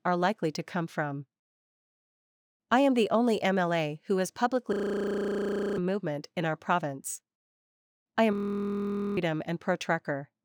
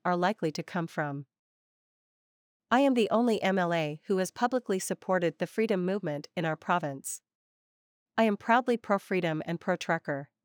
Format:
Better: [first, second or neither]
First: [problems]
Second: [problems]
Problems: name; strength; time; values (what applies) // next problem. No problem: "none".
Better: second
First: audio freezing; at 4.5 s for 1 s and at 8.5 s for 1 s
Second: none